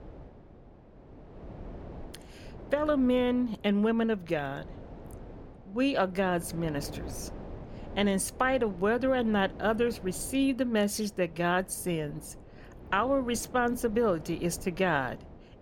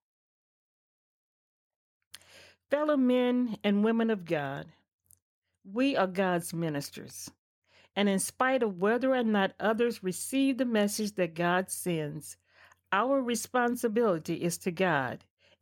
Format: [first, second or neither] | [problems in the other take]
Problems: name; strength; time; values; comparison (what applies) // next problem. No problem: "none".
second | wind noise on the microphone; occasional gusts; 20 dB below the speech